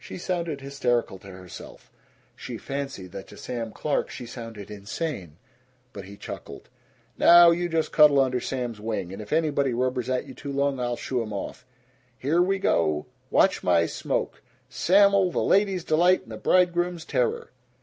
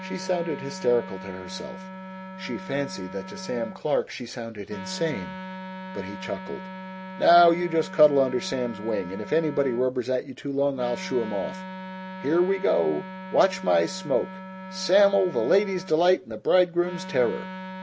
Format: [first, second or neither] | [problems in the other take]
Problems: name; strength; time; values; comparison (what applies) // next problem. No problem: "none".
first | background sound (Wind instrument, woodwind instrument); 13 dB below the speech